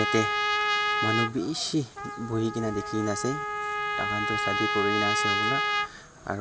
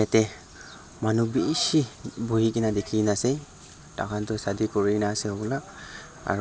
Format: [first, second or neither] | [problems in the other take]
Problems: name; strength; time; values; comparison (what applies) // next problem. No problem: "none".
second | background sound (Trumpet); 2 dB above the speech